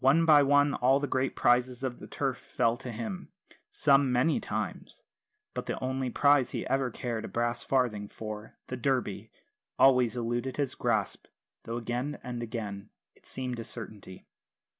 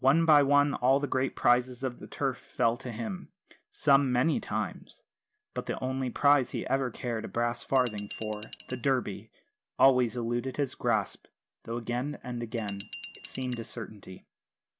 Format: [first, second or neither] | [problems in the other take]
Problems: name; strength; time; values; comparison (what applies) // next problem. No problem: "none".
first | background sound (Glass); 15 dB below the speech